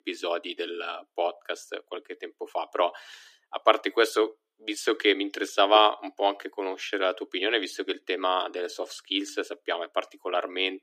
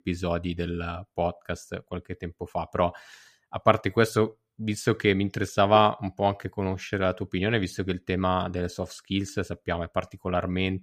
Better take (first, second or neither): second